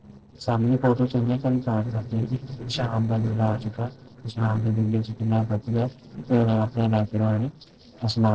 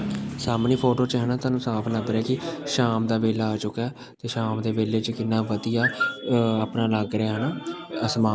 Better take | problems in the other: second | noise reduction (neural separator model SepFormer DNS4)

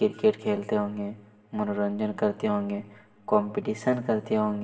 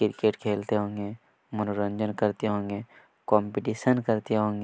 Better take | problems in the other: second | room echo; dies away in 2 s

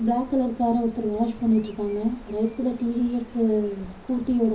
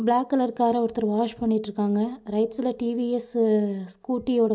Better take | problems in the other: second | background sound (Bird); 19 dB below the speech // room echo; dies away in 0.4 s

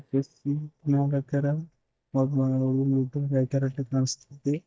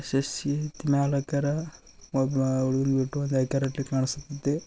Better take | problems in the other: second | noise reduction (neural mask model DeepFilterNet 3)

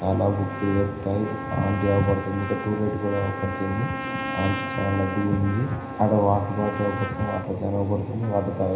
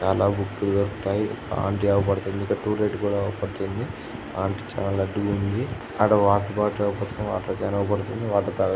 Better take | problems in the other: second | background sound (Trumpet); 9 dB below the speech // room echo; dies away in 0.9 s

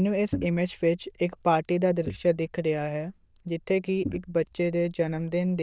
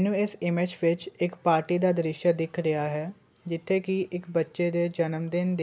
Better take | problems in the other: second | noise reduction (neural diffusion model UNIVERSE++)

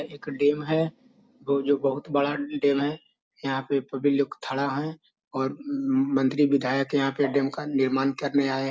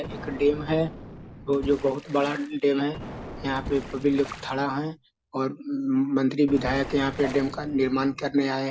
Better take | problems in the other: first | background sound (Explosion + Water / Splash, splatter); 13 dB below the speech

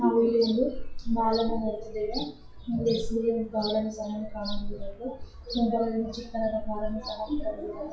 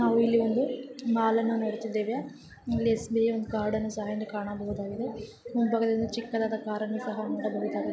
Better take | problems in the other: second | noise reduction (classical method WPE with log-MMSE)

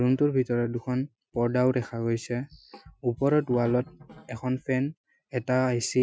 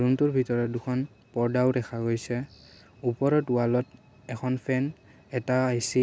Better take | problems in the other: second | noise reduction (classical method Wiener filter)

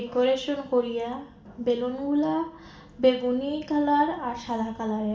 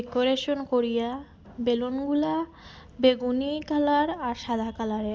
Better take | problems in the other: second | room echo; dies away in 0.9 s

